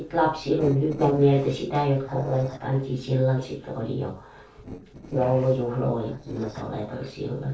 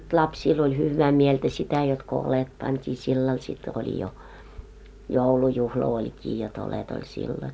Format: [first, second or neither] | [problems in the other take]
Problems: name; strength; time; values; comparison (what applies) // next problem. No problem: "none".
second | noise reduction (neural separator model SepFormer DNS4)